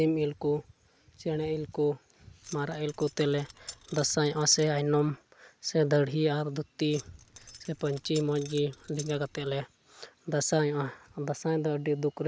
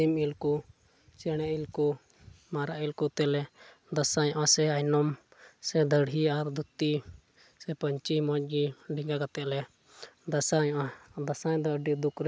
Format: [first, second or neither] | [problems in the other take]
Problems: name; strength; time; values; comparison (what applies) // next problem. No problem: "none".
second | background sound (Keys jangling); 19 dB below the speech